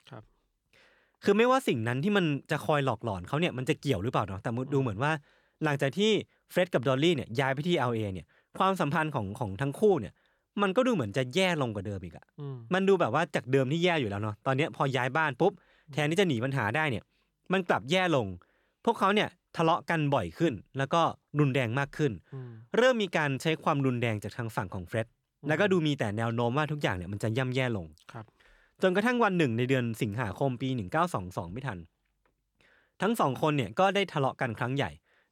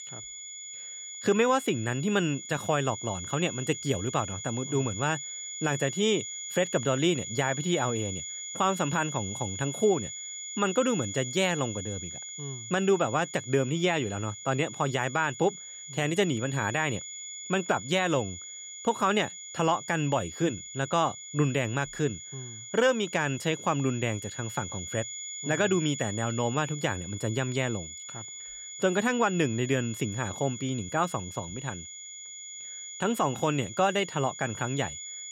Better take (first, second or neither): first